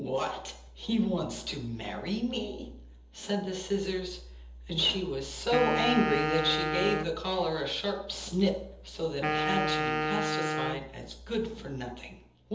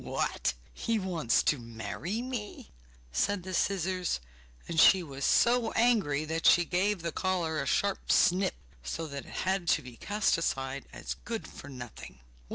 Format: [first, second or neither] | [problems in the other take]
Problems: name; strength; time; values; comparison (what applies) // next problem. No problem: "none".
second | background sound (Wind instrument, woodwind instrument); 1 dB below the speech // room echo; dies away in 0.7 s